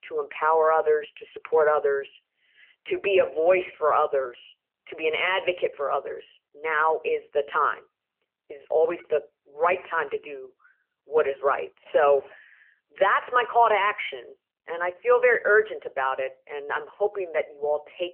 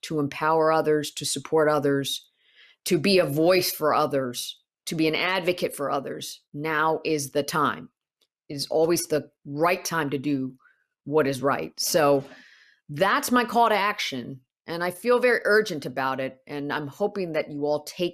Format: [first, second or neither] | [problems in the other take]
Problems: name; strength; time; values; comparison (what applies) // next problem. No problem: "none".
second | phone-call audio; nothing above 3 kHz